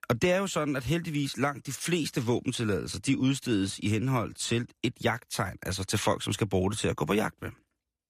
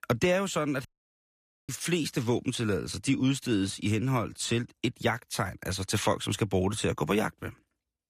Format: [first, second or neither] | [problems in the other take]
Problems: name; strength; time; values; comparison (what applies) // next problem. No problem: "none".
first | audio cutting out; at 1 s for 1 s